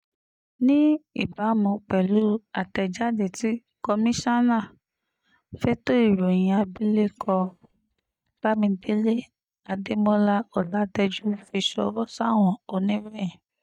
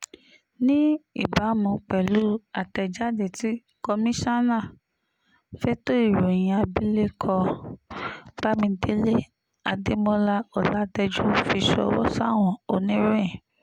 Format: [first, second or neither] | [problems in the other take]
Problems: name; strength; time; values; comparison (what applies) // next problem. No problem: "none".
second | noise reduction (neural mask model DeepFilterNet 3)